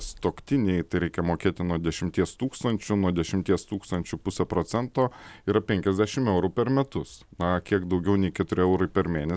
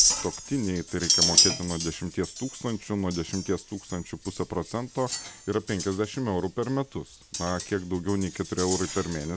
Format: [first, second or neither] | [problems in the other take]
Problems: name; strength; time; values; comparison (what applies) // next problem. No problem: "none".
first | background sound (Chink, clink); 1 dB below the speech